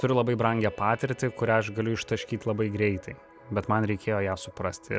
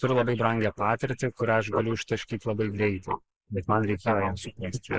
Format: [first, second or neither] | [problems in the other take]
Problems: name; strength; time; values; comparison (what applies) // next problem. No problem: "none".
first | noise reduction (neural mask model Resemble Enhance denoiser)